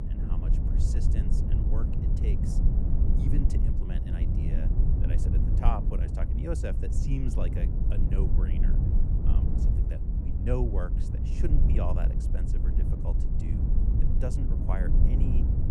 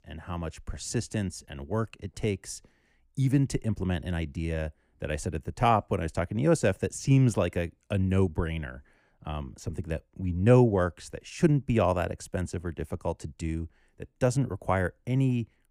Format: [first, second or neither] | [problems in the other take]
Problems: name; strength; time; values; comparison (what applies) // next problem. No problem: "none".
second | low rumble; loud; throughout; 1 dB below the speech